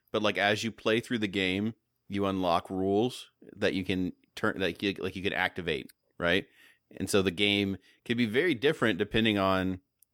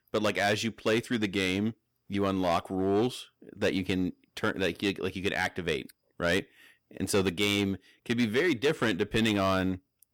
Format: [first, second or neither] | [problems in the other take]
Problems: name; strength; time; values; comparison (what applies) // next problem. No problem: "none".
first | distortion; slight; 4% of the sound clipped